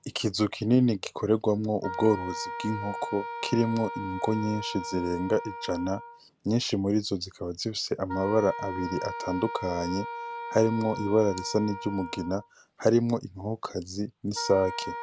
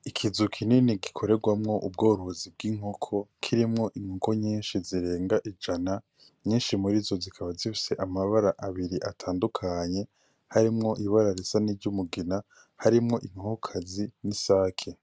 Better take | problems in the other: second | background sound (Wind instrument, woodwind instrument); 10 dB below the speech

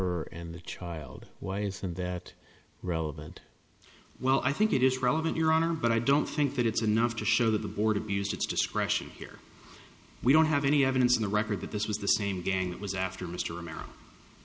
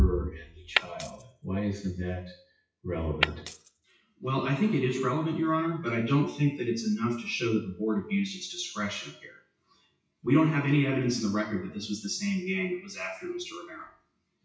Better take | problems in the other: first | noise reduction (classical method WPE with log-MMSE)

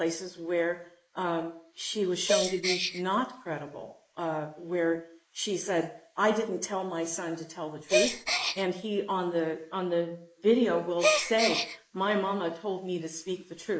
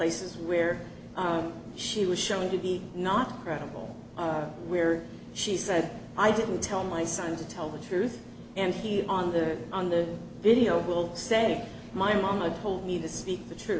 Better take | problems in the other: second | noise reduction (neural mask model Resemble Enhance denoiser)

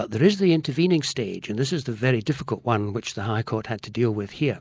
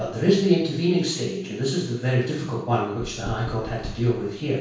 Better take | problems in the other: first | background sound (Knock); 18 dB below the speech // room echo; dies away in 0.7 s

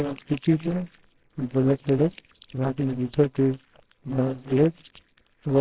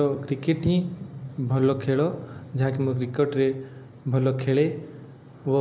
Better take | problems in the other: second | noise reduction (neural separator model SepFormer WHAMR!)

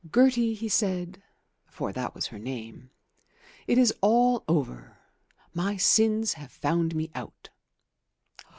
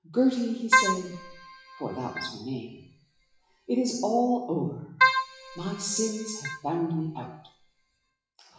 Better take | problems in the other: first | noise reduction (classical method WPE with log-MMSE)

